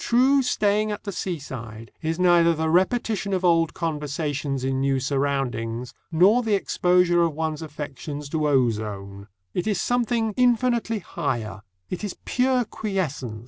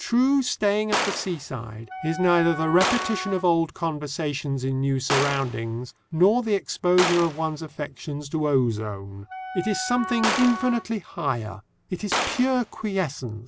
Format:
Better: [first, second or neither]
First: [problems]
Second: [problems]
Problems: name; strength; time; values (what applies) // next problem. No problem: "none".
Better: first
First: none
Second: background sound (Wind instrument, woodwind instrument + Gunshot, gunfire); 7 dB below the speech